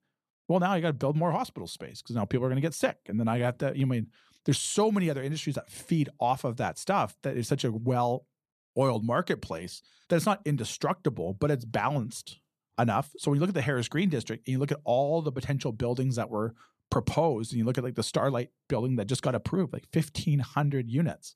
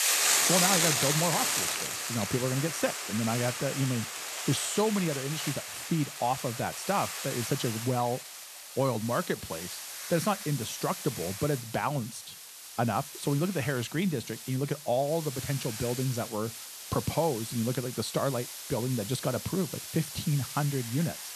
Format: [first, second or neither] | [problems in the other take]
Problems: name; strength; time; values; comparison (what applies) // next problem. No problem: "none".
first | hiss; loud; throughout; 1 dB below the speech